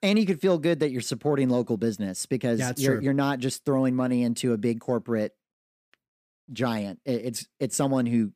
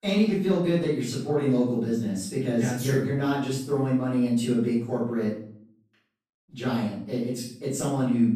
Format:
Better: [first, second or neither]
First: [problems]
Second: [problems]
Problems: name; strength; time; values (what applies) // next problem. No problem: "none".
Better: first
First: none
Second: room echo; noticeable; dies away in 0.5 s // off-mic speech; far